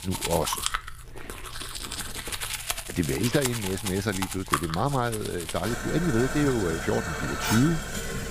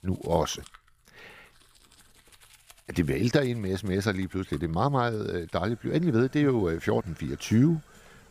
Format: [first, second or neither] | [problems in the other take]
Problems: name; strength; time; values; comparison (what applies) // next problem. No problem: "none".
second | household noises; loud; throughout; 4 dB below the speech; faint in the second